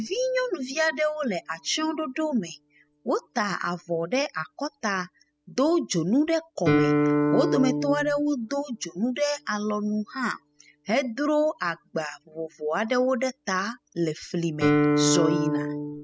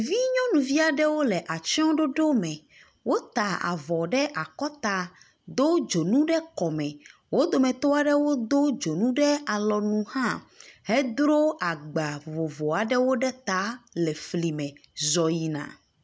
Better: second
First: noise reduction (classical method spectral subtraction)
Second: none

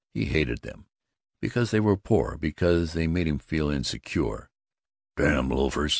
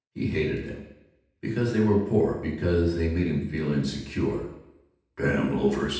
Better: first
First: none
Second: room echo; dies away in 0.8 s

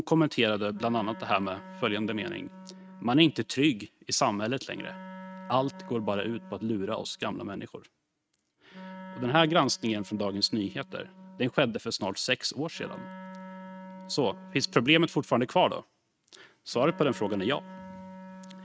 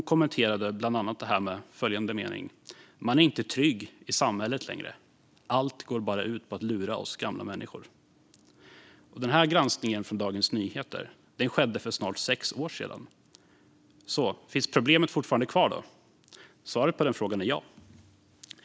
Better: second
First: noise reduction (neural mask model RNNoise)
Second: none

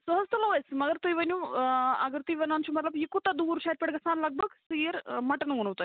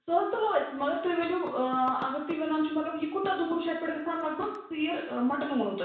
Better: first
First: none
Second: background sound (Knock / Wood); 19 dB below the speech // room echo; dies away in 0.7 s

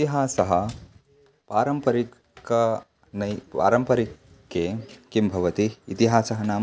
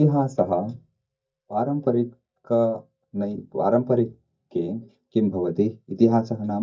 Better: first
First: none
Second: noise reduction (neural mask model DeepFilterNet 3)

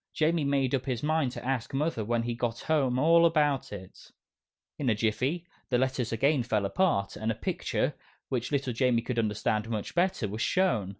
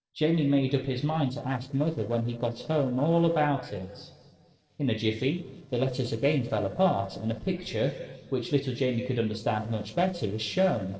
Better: first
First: none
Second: noise reduction (neural separator model SepFormer DNS4)

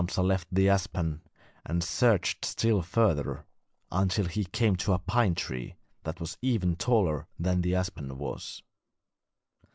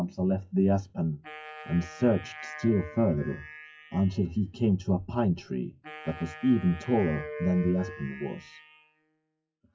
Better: first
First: none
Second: noise reduction (classical method WPE with log-MMSE)

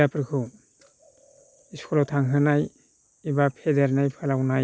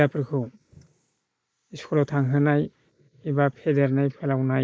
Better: first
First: none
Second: noise reduction (neural mask model Resemble Enhance denoiser)

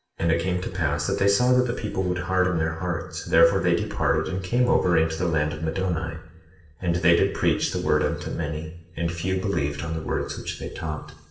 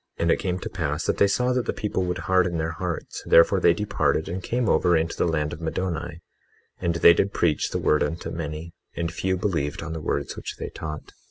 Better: second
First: room echo; dies away in 0.9 s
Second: none

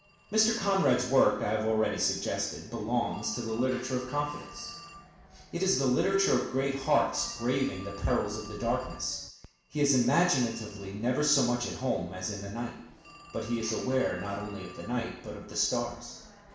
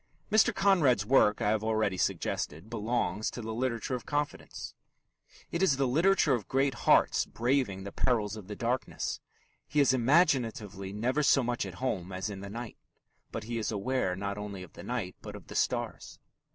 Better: second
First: background sound (Telephone); 19 dB below the speech // room echo; dies away in 0.7 s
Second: none

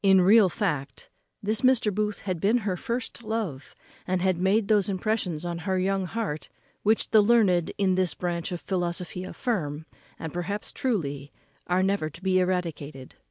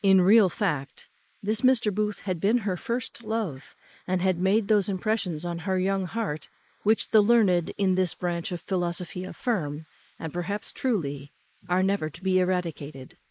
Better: first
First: none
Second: noise reduction (neural mask model Resemble Enhance denoiser)

